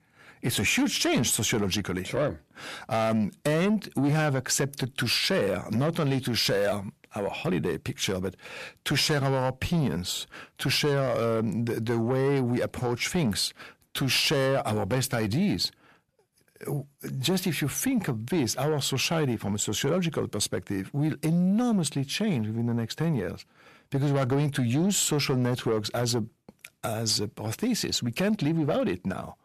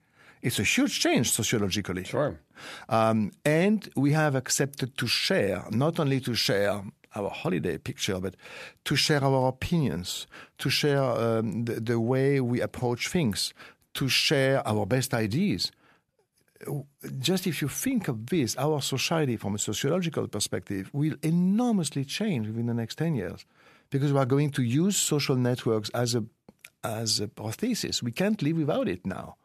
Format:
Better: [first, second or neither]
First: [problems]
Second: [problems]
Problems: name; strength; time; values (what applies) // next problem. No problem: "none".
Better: second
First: distortion; slight; 10 dB below the speech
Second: none